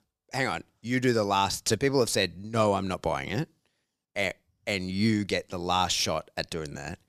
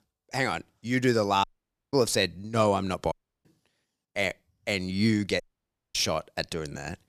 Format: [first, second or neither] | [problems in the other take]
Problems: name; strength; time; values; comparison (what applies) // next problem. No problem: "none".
first | audio cutting out; at 1.5 s, at 3 s and at 5.5 s for 0.5 s